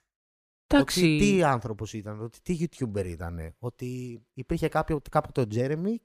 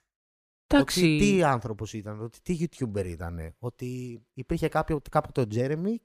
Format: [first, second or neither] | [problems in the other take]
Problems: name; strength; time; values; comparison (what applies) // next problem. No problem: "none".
neither | none